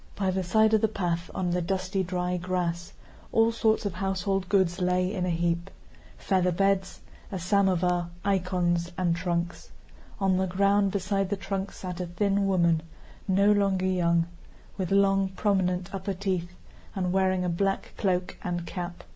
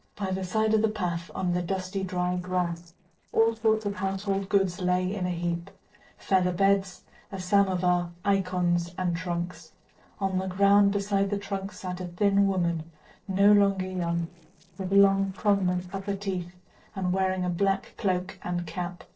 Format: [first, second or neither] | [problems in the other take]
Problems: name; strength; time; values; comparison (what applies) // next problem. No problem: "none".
first | noise reduction (neural separator model SepFormer DNS4)